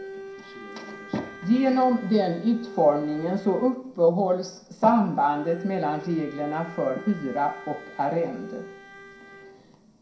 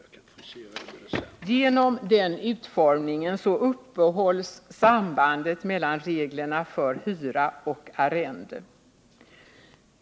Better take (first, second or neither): second